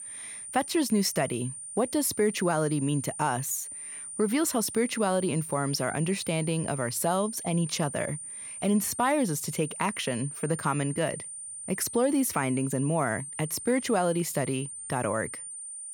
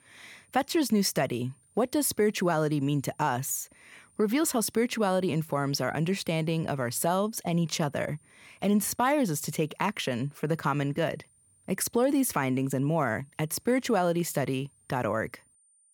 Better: second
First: high-pitched whine; loud; throughout; 9 kHz, 9 dB below the speech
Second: high-pitched whine; faint; throughout; 9 kHz, 35 dB below the speech

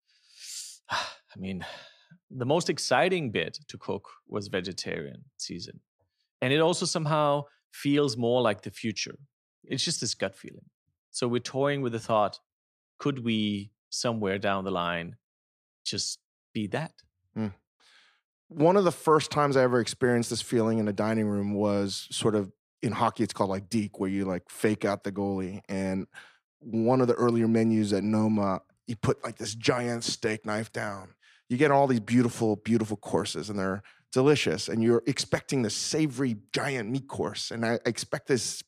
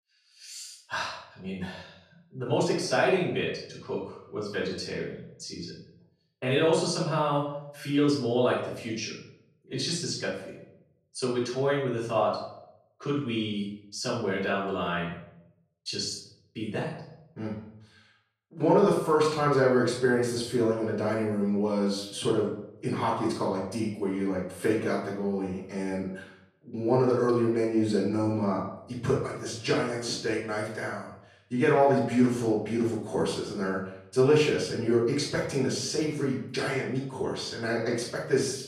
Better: first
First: none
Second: off-mic speech; far // room echo; noticeable; dies away in 0.6 s

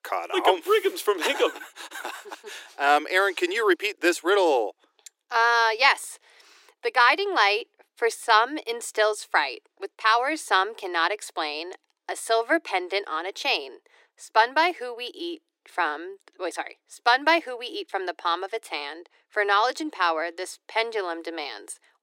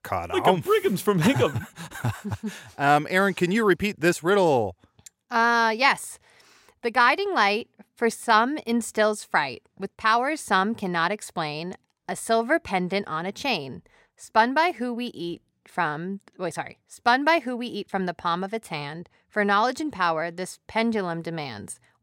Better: second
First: thin; very; fading below 300 Hz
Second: none

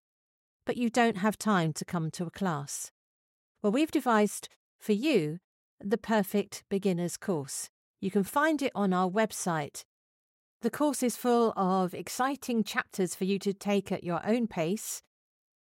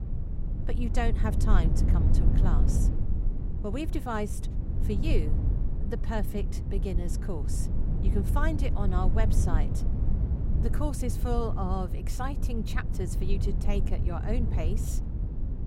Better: first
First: none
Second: low rumble; loud; throughout; 6 dB below the speech

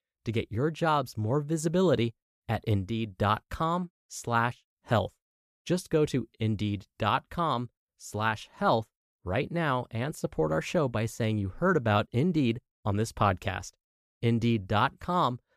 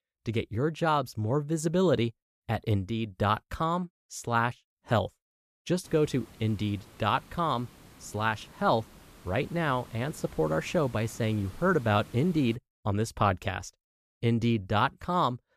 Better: first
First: none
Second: hiss; faint; from 6 to 13 s; 20 dB below the speech

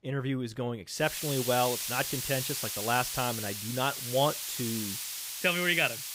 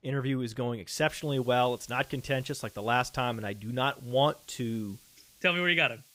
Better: second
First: hiss; loud; from 1 s on; 3 dB below the speech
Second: hiss; faint; from 1 s on; 25 dB below the speech

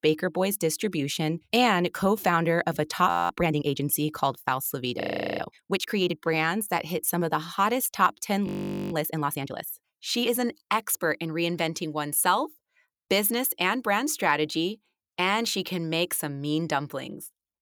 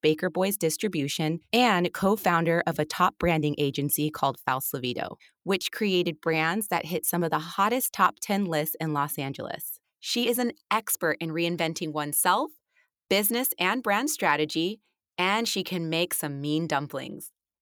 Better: second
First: audio freezing; at 3 s, at 5 s and at 8.5 s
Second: none

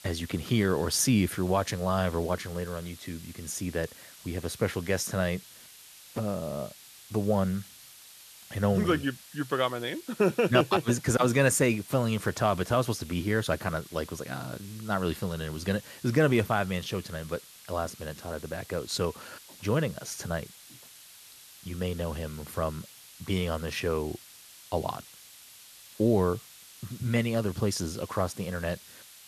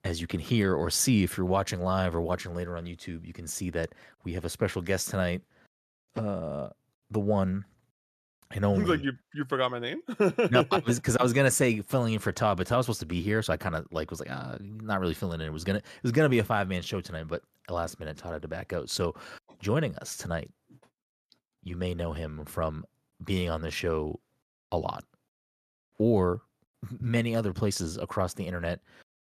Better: second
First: hiss; noticeable; throughout; 20 dB below the speech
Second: none

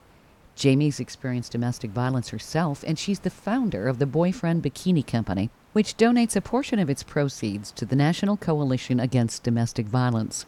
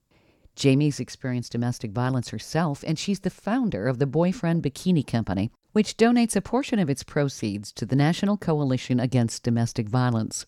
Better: second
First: hiss; faint; throughout; 30 dB below the speech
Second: none

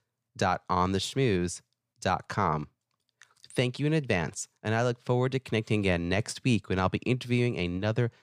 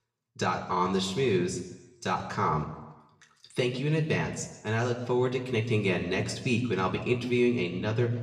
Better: first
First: none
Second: room echo; slight; dies away in 0.9 s // off-mic speech; somewhat distant

